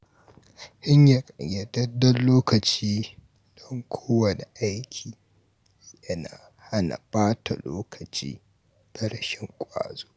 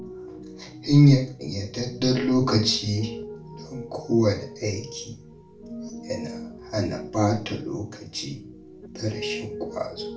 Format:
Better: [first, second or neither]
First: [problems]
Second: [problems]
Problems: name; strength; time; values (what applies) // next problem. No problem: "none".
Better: first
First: none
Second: background sound (Piano); 13 dB below the speech // room echo; dies away in 0.3 s